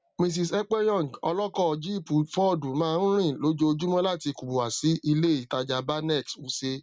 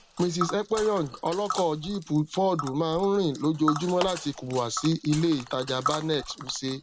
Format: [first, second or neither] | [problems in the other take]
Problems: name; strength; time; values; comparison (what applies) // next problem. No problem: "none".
first | background sound (Tick + Clapping); 10 dB below the speech